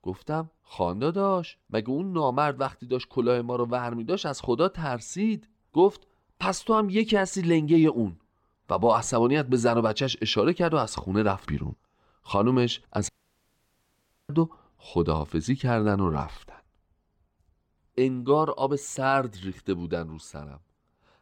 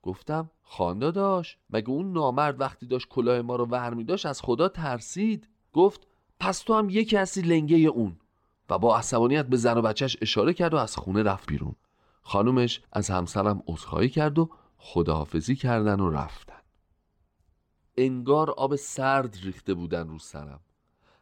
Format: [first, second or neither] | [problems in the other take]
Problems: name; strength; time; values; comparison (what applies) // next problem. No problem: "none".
second | audio cutting out; at 13 s for 1 s